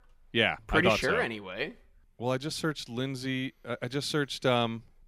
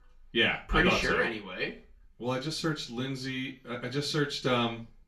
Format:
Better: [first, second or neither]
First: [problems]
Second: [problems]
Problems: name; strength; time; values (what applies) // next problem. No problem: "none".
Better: first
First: none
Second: room echo; slight; dies away in 0.3 s // off-mic speech; far